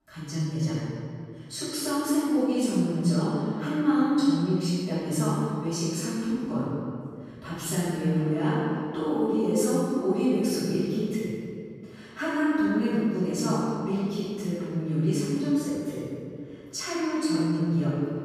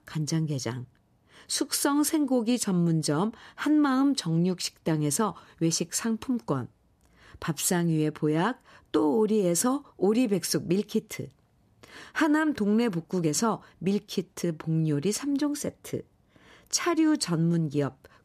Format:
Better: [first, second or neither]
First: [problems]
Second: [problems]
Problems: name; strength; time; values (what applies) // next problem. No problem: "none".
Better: second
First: off-mic speech; far // room echo; strong; dies away in 2.1 s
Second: none